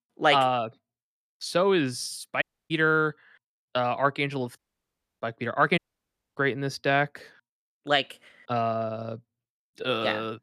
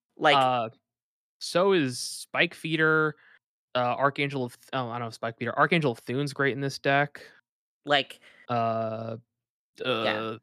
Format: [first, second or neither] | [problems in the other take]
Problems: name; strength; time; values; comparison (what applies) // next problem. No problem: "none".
second | audio cutting out; at 2.5 s, at 4.5 s for 0.5 s and at 6 s for 0.5 s